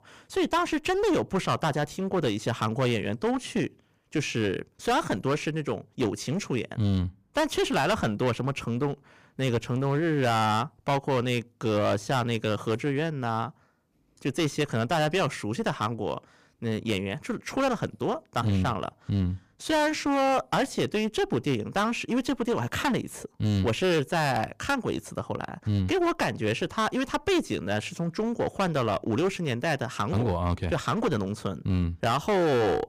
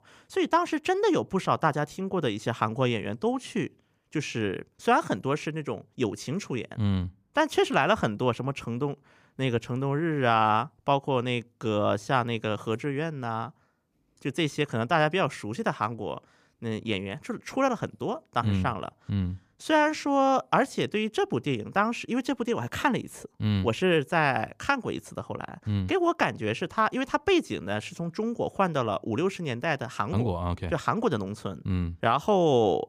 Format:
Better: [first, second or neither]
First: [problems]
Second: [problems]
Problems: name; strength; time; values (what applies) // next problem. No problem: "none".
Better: second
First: distortion; heavy; 14% of the sound clipped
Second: none